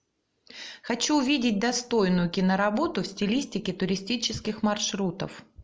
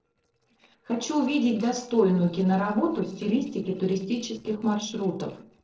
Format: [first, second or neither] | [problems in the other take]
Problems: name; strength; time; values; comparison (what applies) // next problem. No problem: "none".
first | noise reduction (neural separator model SepFormer DNS4)